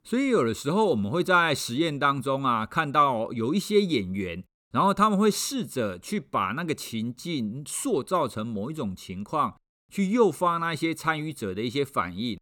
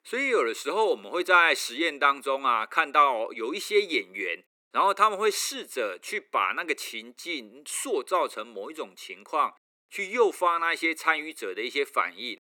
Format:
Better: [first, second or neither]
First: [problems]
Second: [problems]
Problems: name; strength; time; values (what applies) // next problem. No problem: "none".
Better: first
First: none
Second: thin; very; fading below 350 Hz